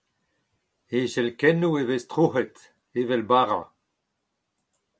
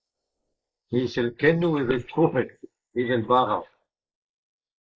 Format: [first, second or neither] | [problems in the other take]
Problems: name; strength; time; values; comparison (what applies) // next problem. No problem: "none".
first | noise reduction (neural mask model Resemble Enhance denoiser)